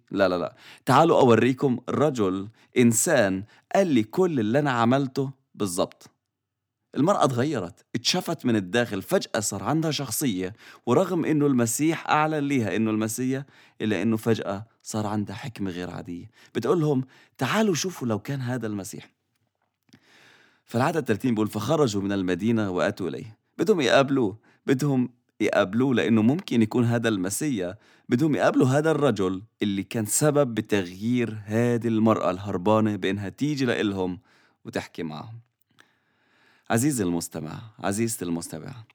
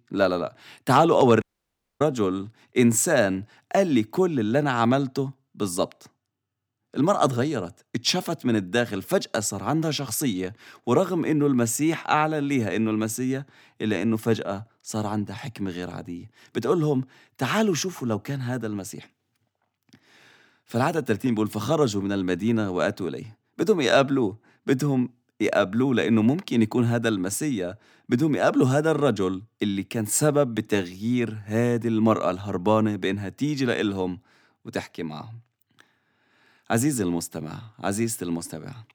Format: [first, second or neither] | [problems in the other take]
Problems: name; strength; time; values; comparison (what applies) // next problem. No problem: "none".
first | audio cutting out; at 1.5 s for 0.5 s